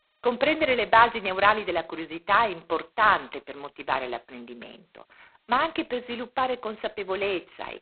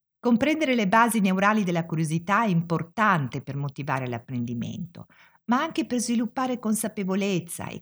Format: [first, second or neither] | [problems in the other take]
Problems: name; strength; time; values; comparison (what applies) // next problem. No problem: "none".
second | phone-call audio; poor line; nothing above 4 kHz